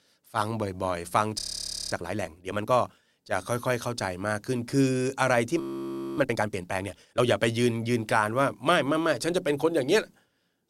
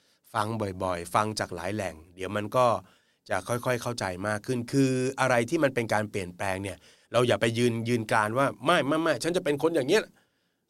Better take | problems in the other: second | audio freezing; at 1.5 s for 0.5 s and at 5.5 s for 0.5 s

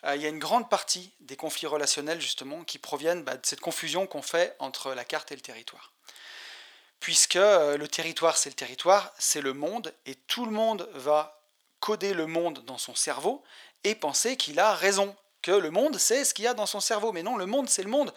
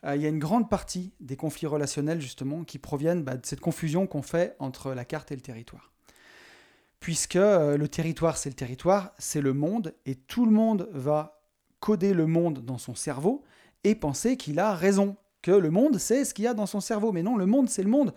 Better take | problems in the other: second | thin; very; fading below 650 Hz

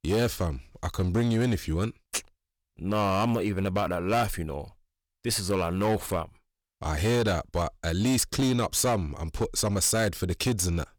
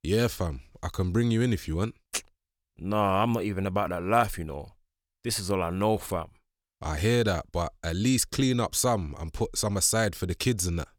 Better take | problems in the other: second | distortion; slight; 9% of the sound clipped

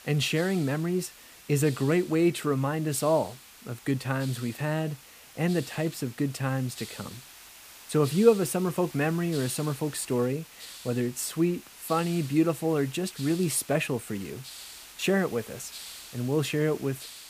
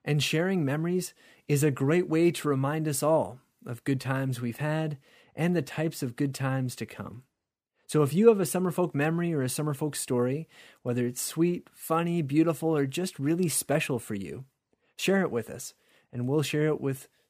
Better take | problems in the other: second | hiss; noticeable; throughout; 15 dB below the speech

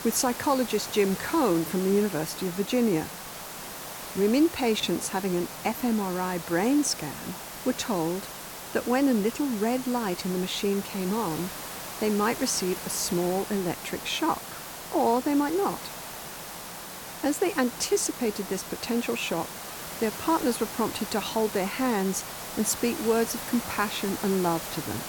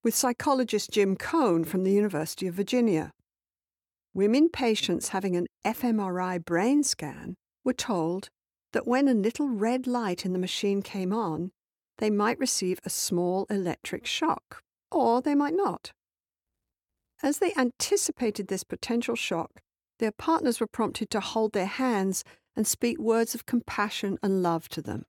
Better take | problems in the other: second | hiss; loud; throughout; 9 dB below the speech

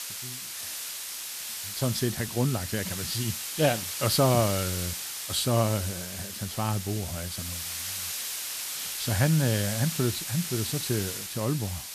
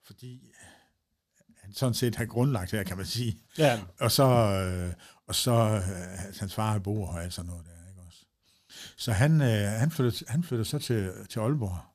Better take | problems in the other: second | hiss; loud; throughout; 4 dB below the speech

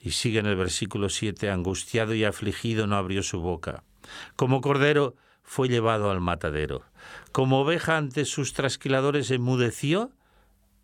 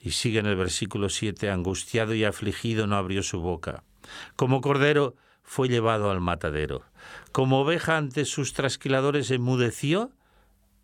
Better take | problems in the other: neither | none

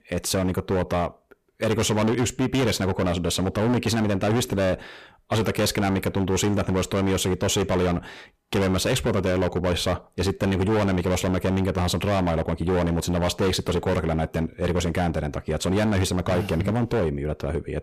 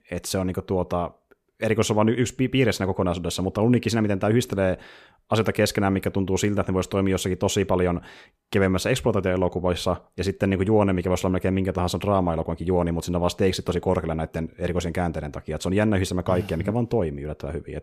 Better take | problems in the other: second | distortion; heavy; 21% of the sound clipped

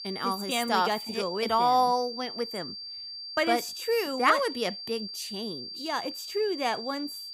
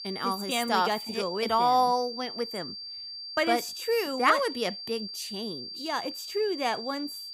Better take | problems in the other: neither | high-pitched whine; loud; throughout; 4.5 kHz, 9 dB below the speech; the same in both

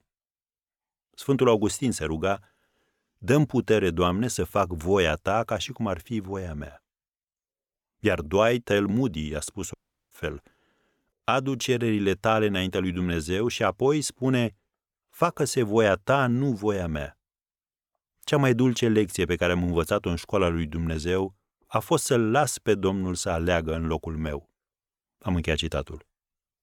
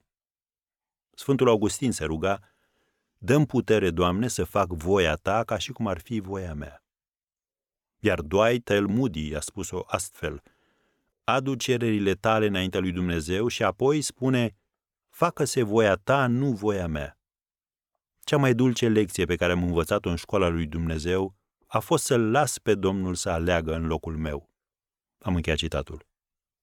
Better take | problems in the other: second | audio cutting out; at 9.5 s

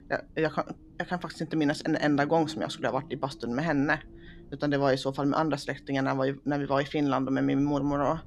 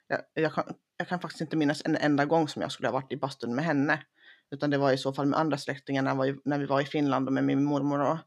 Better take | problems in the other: second | low rumble; faint; throughout; 25 dB below the speech

